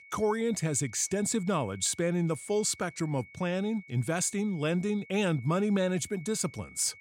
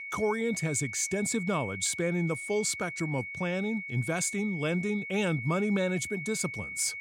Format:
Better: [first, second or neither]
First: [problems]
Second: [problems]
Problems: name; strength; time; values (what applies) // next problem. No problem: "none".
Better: first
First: high-pitched whine; faint; throughout; 2 kHz, 20 dB below the speech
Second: high-pitched whine; loud; throughout; 2 kHz, 7 dB below the speech